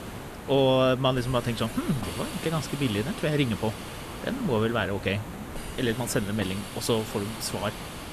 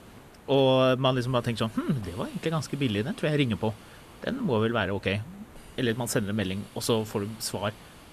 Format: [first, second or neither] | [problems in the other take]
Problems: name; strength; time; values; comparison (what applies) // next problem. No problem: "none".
second | hiss; loud; throughout; 10 dB below the speech; faint in the second